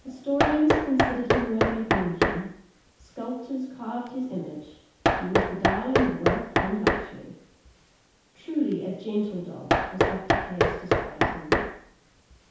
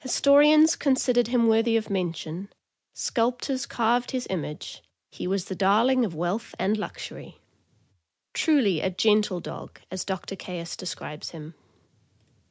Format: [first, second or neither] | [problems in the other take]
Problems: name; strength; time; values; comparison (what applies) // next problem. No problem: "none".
second | background sound (Knock); 3 dB above the speech // room echo; dies away in 0.8 s